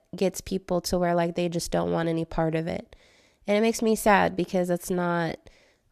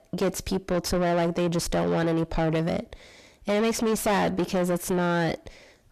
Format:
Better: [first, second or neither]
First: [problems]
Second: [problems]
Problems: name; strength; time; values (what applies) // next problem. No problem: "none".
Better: first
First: none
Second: distortion; heavy; 7 dB below the speech